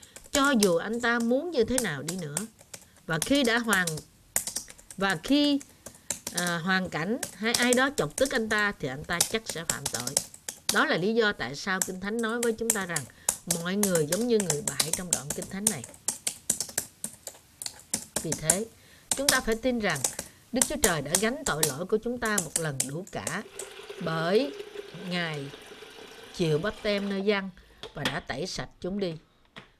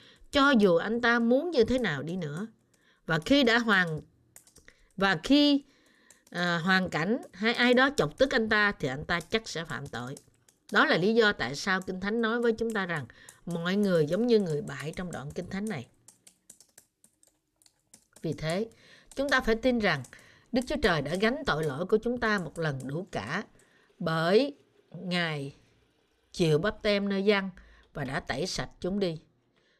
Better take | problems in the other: second | household noises; loud; throughout; 2 dB below the speech; faint in the second

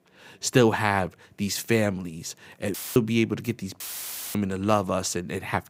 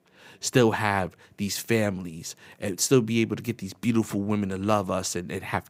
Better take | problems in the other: second | audio cutting out; filled with static; at 2.5 s and at 4 s for 0.5 s

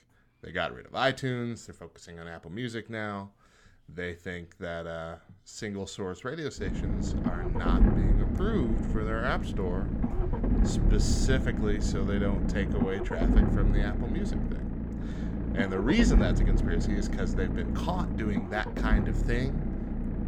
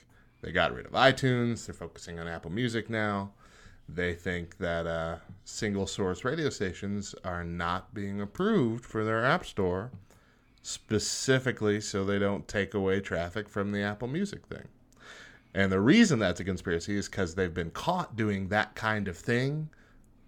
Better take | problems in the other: second | low rumble; loud; from 6.5 s on; 3 dB below the speech

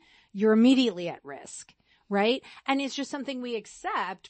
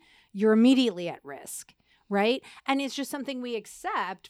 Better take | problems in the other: second | garbled, watery; slightly; nothing above 8 kHz

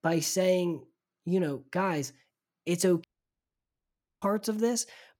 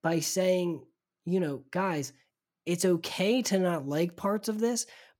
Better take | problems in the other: second | audio cutting out; at 3 s for 1 s

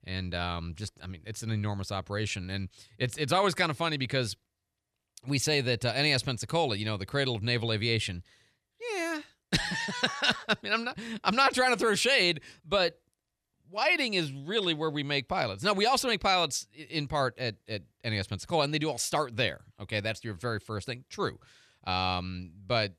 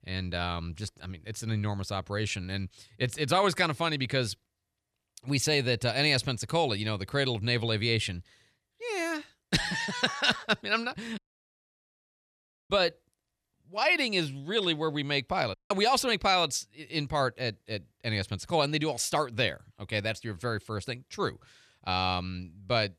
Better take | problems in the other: first | audio cutting out; at 11 s for 1.5 s and at 16 s

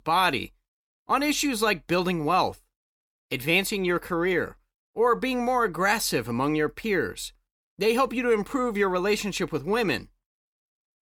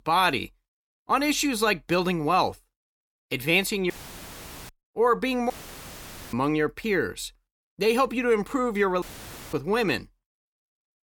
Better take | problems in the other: first | audio cutting out; filled with static; at 4 s for 1 s, at 5.5 s for 1 s and at 9 s for 0.5 s

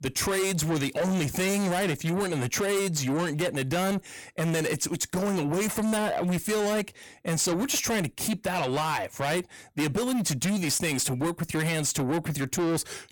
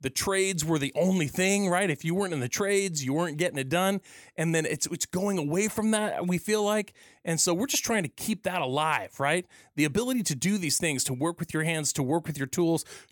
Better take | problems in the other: second | distortion; heavy; 7 dB below the speech

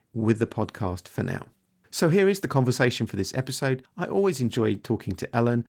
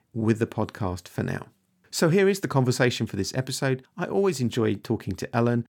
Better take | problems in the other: second | garbled, watery; slightly; nothing above 17.5 kHz

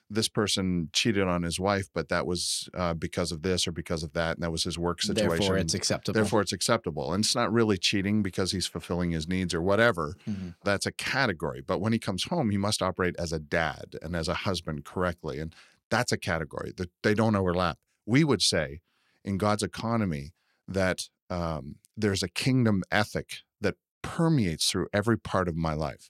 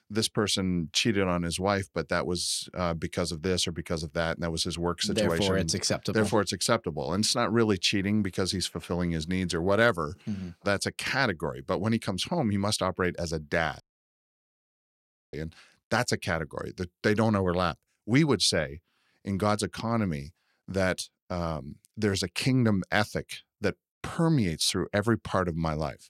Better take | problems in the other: first | audio cutting out; at 14 s for 1.5 s

